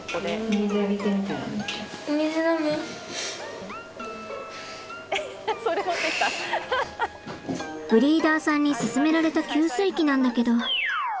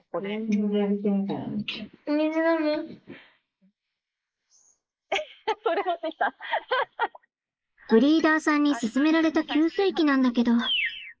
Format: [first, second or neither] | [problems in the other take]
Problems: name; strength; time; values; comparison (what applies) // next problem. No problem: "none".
first | noise reduction (neural mask model Resemble Enhance denoiser)